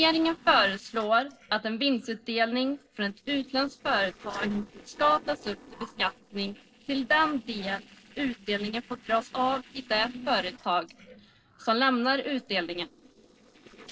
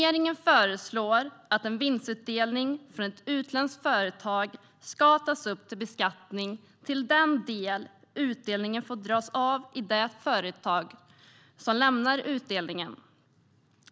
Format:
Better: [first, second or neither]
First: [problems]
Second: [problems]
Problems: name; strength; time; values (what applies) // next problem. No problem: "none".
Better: second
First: noise reduction (neural separator model SepFormer DNS4)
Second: none